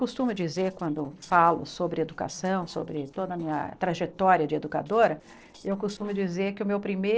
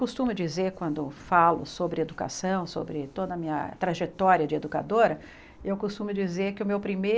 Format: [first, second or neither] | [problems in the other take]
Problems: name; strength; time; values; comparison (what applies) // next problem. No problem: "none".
second | noise reduction (neural separator model SepFormer DNS4)